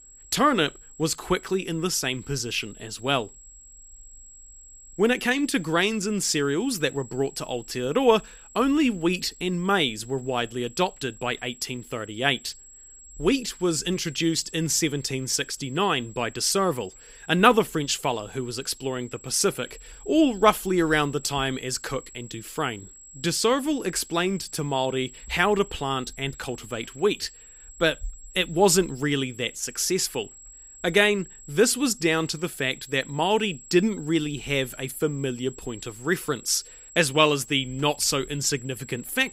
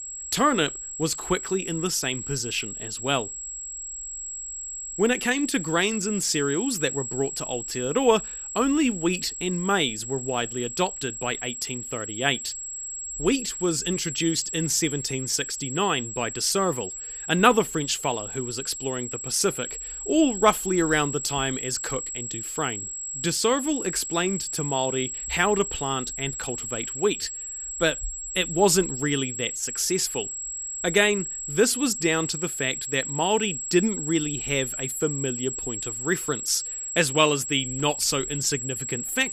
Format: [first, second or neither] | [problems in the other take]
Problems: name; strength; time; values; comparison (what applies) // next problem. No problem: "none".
first | high-pitched whine; loud; throughout; 7.5 kHz, 6 dB below the speech; faint in the first